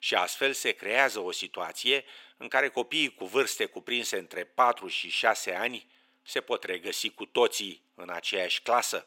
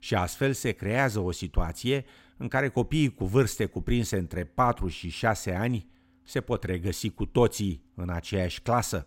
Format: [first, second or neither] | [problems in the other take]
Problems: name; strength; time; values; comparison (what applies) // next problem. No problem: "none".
second | thin; very; fading below 400 Hz